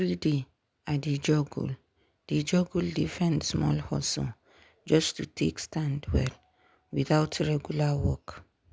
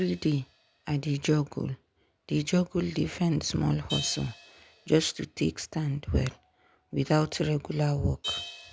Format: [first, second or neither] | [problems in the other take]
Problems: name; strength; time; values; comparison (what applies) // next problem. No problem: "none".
first | background sound (Crash cymbal); 16 dB below the speech